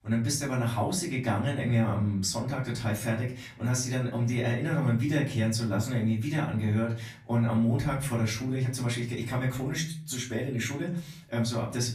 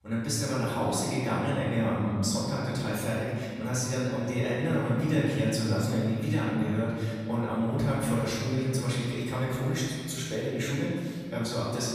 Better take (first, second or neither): first